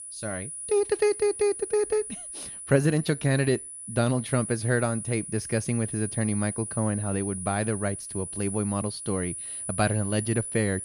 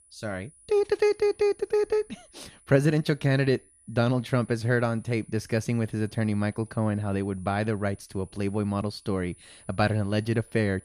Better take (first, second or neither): second